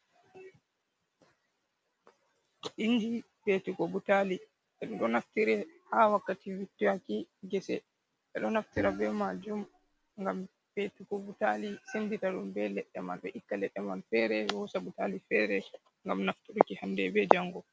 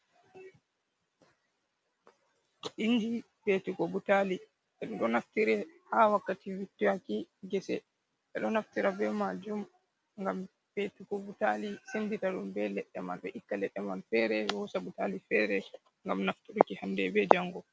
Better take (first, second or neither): second